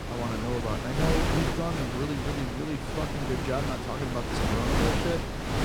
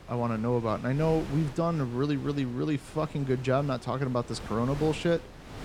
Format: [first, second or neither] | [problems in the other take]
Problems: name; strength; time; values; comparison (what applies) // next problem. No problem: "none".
second | wind noise on the microphone; heavy; 3 dB above the speech; occasional gusts in the second